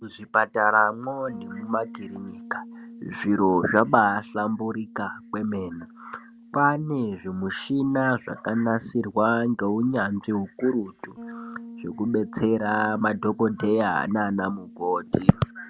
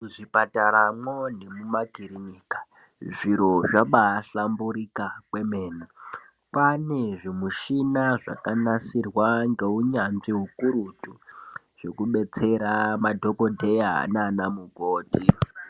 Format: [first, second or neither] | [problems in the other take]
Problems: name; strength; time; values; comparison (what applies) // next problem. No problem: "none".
second | background sound (Bass guitar); 19 dB below the speech